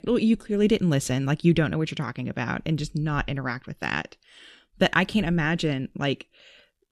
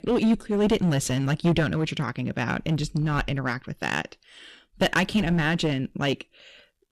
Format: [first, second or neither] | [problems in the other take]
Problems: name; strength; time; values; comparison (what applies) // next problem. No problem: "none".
first | distortion; slight; 7% of the sound clipped